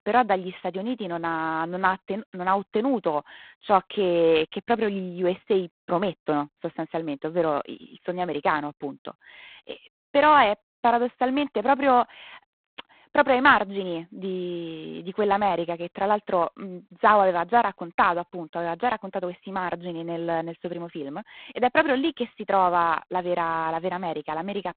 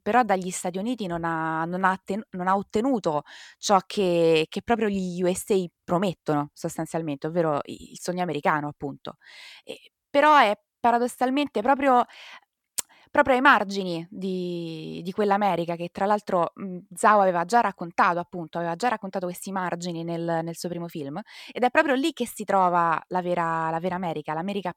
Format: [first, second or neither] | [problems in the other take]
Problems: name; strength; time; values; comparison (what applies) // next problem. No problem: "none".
second | phone-call audio; poor line; nothing above 4 kHz